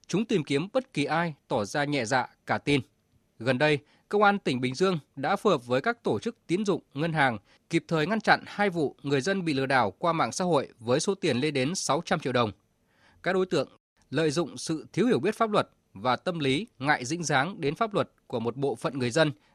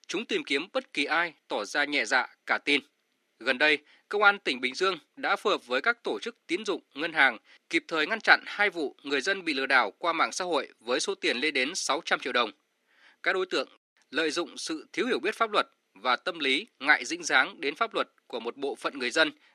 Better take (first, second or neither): first